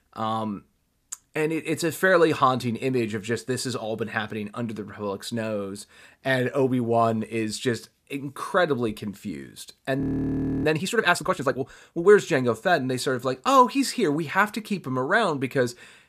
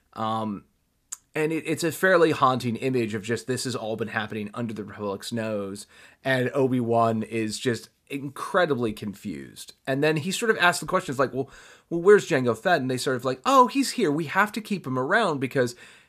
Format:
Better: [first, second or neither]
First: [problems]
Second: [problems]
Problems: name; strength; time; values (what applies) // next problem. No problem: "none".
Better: second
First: audio freezing; at 10 s for 0.5 s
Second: none